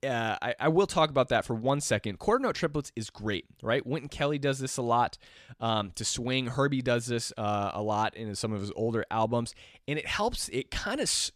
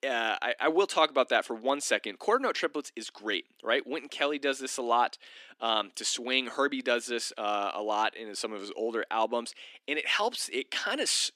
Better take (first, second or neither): first